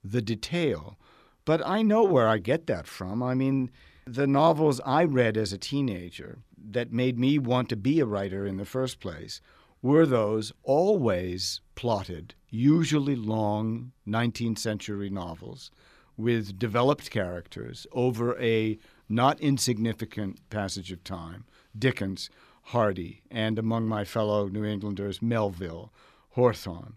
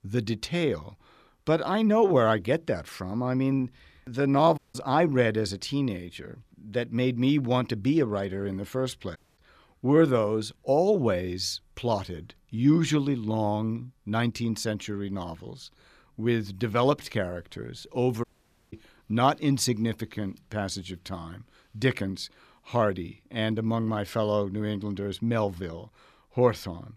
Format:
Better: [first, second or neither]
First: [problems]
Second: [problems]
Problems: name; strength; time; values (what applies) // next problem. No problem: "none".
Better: first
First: none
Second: audio cutting out; at 4.5 s, at 9 s and at 18 s